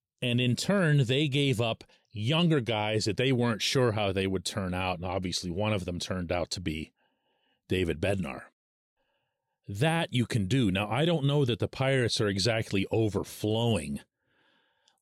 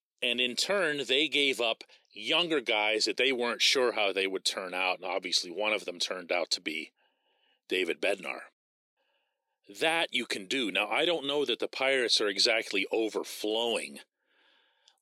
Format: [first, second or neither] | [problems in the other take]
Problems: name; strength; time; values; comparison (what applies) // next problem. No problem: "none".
first | thin; somewhat; fading below 300 Hz